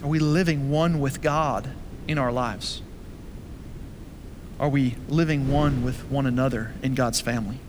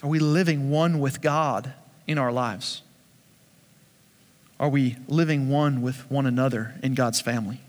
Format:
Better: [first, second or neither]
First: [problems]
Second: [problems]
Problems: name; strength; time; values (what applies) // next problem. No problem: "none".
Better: second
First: wind noise on the microphone; occasional gusts; 20 dB below the speech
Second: none